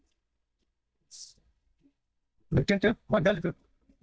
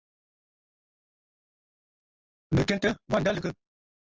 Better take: second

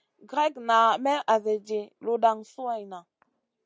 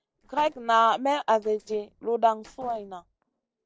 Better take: first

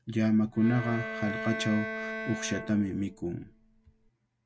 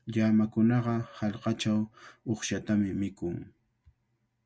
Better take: second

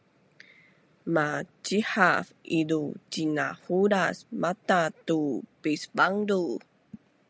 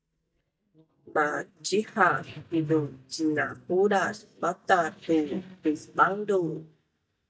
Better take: first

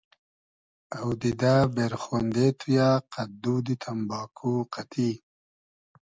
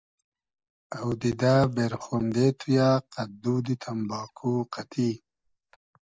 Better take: first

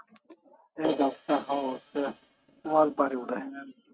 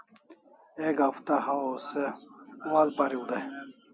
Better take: second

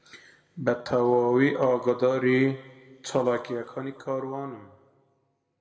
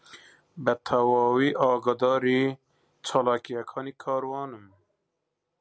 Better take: second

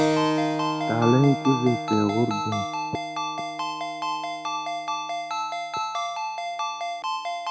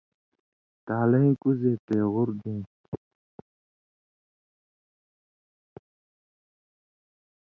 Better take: second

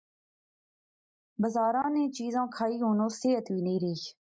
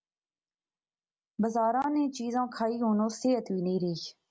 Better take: second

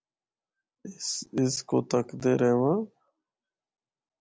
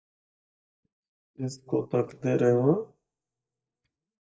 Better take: first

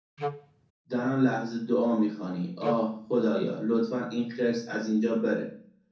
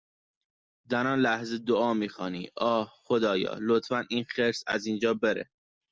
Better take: second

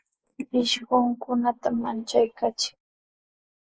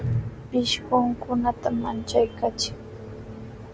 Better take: second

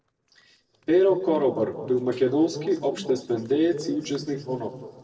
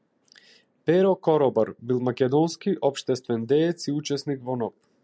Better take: second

